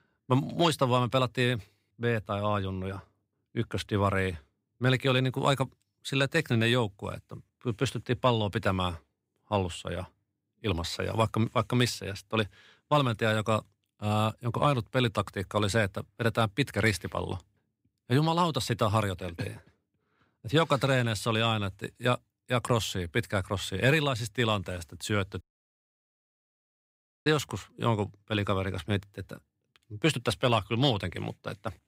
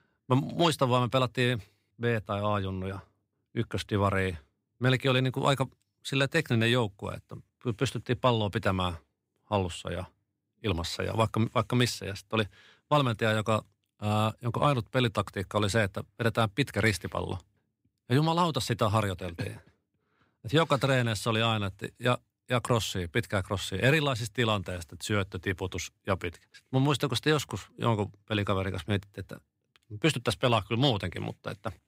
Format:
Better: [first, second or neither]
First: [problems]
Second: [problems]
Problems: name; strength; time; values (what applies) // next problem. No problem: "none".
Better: second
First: audio cutting out; at 25 s for 2 s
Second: none